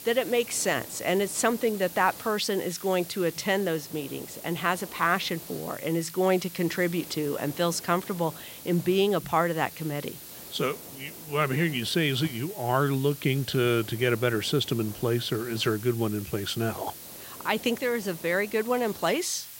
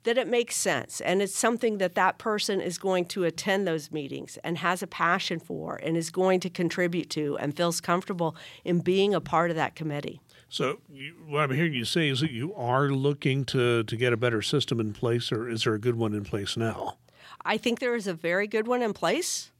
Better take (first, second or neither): second